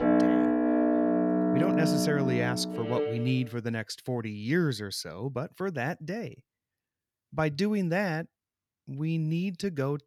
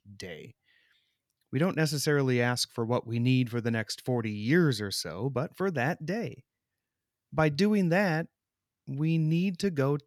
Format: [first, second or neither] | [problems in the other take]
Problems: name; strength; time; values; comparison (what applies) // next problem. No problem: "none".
second | background music; very loud; until 2.5 s; 4 dB above the speech